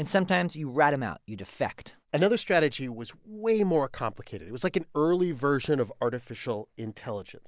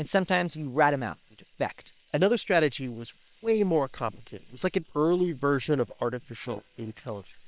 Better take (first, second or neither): first